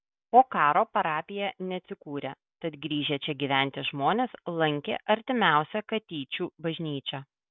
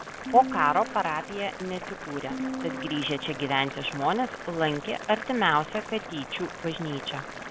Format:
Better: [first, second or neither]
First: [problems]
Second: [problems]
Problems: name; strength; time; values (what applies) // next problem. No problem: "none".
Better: first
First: none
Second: background sound (Piano + Boiling); 9 dB below the speech